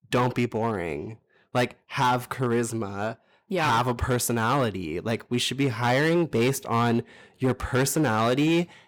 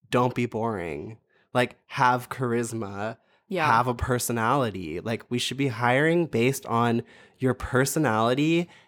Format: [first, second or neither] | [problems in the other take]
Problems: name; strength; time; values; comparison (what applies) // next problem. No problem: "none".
second | distortion; slight; 8% of the sound clipped